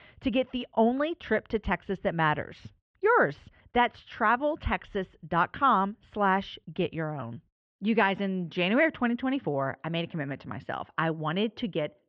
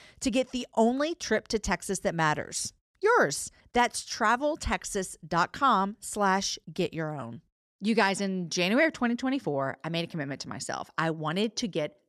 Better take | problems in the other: second | muffled; very; fading above 3 kHz

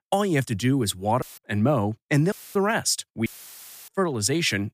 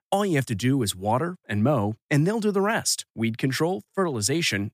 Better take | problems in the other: second | audio cutting out; filled with static; at 1 s, at 2.5 s and at 3.5 s for 0.5 s

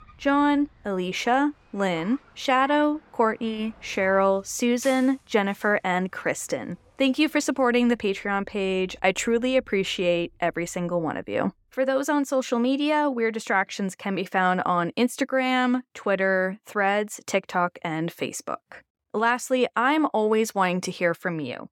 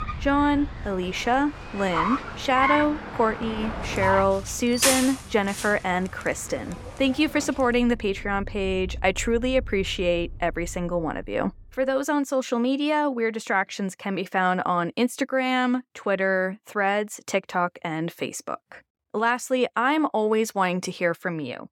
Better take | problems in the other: first | traffic noise; loud; until 11 s; 6 dB below the speech; faint in the first

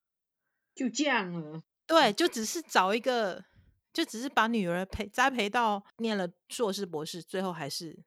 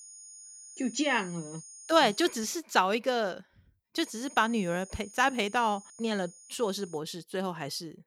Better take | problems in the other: first | high-pitched whine; noticeable; until 2.5 s and from 4 to 7 s; 6.5 kHz, 20 dB below the speech

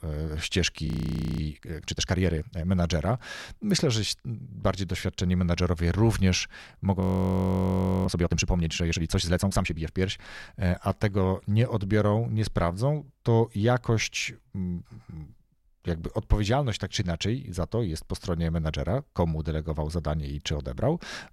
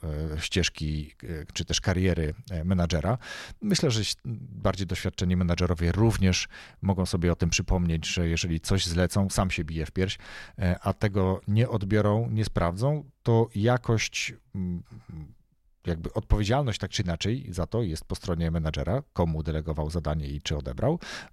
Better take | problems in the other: second | audio freezing; at 1 s for 0.5 s and at 7 s for 1 s

